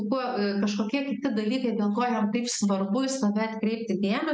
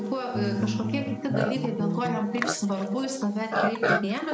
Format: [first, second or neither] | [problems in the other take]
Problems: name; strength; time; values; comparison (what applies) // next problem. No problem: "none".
first | background sound (Bass guitar + Livestock, farm animals, working animals); 1 dB below the speech